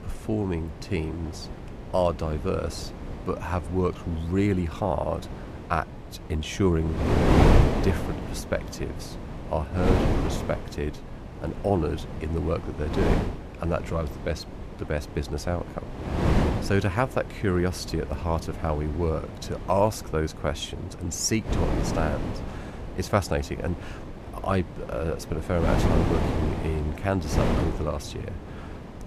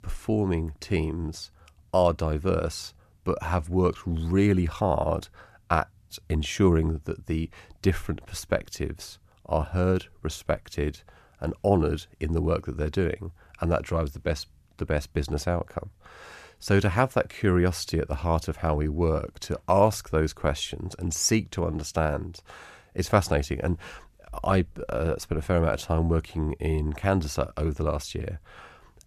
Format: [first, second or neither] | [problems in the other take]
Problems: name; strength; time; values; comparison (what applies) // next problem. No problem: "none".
second | wind noise on the microphone; heavy; 4 dB below the speech